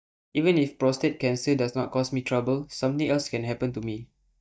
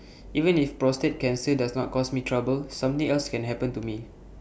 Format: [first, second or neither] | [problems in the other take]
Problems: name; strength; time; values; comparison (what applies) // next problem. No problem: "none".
second | noise reduction (neural mask model DeepFilterNet 3)